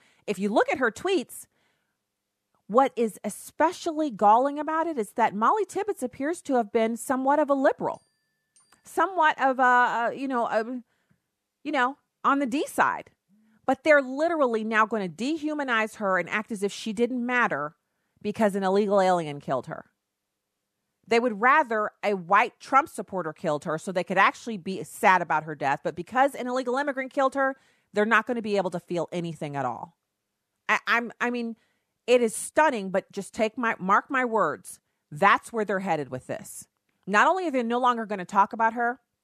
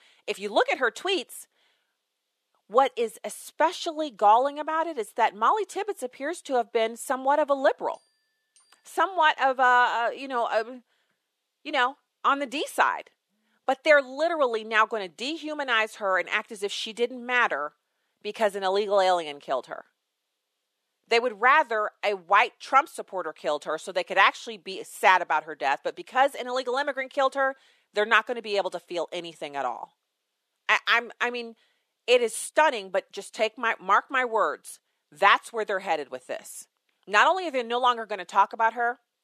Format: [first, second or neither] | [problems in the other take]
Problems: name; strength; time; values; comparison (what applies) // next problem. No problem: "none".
first | thin; somewhat; fading below 450 Hz